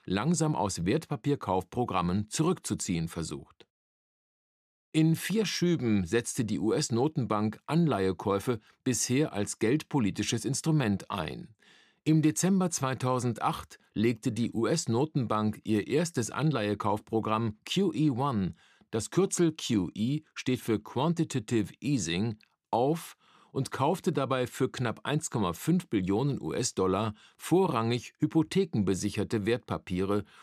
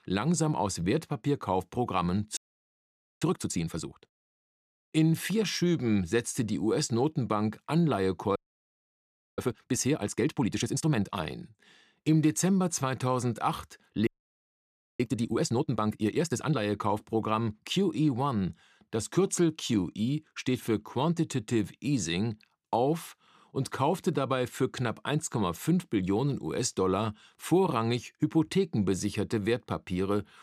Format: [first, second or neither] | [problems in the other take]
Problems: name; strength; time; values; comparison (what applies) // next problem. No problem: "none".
first | audio freezing; at 2.5 s for 1 s, at 8.5 s for 1 s and at 14 s for 1 s